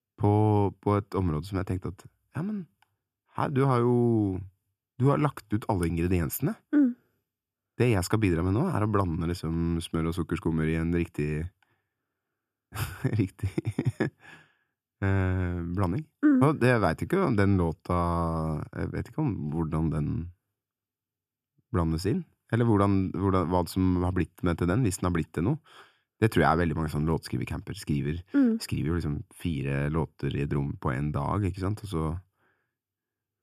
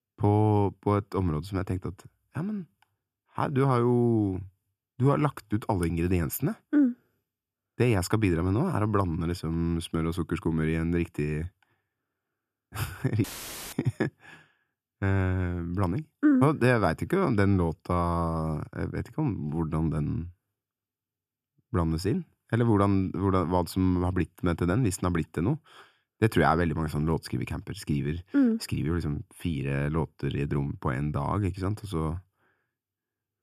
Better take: first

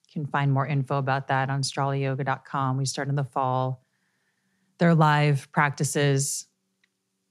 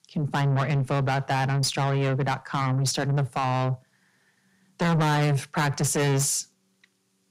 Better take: first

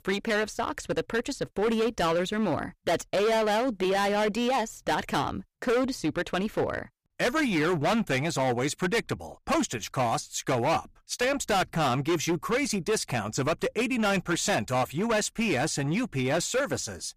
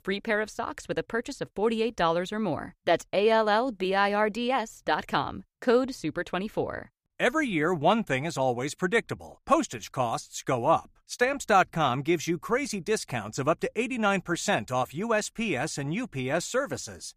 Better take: second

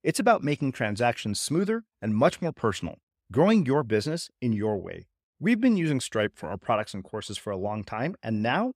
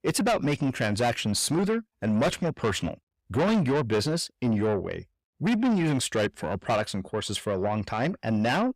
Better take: first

